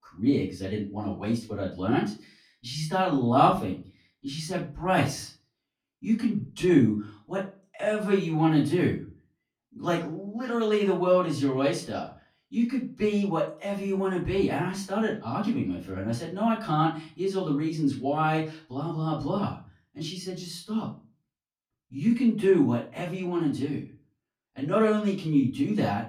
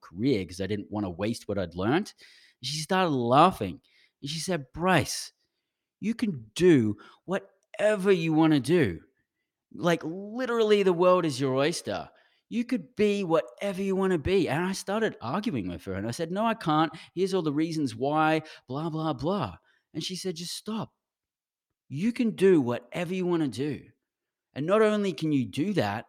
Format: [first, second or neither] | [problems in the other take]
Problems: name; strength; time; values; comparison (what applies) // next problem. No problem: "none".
second | off-mic speech; far // room echo; slight; dies away in 0.3 s